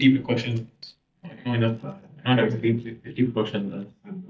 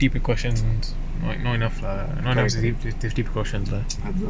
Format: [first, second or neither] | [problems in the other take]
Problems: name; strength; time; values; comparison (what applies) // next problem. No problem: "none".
second | noise reduction (neural mask model DeepFilterNet 3)